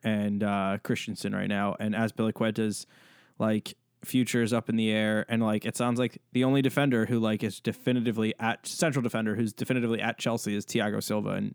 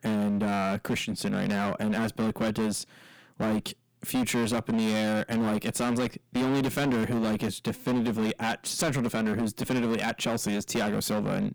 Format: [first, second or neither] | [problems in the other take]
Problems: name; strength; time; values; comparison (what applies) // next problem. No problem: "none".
first | distortion; heavy; 24% of the sound clipped